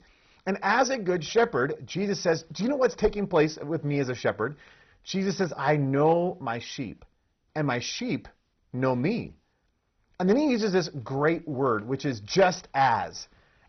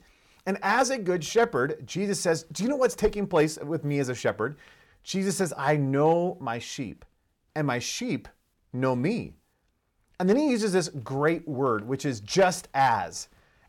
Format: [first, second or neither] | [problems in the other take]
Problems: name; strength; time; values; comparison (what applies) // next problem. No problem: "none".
second | garbled, watery; badly; nothing above 6 kHz